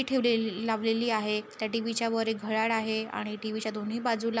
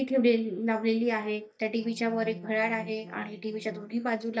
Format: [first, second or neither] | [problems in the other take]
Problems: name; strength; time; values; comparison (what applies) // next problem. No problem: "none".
first | noise reduction (neural mask model DeepFilterNet 3)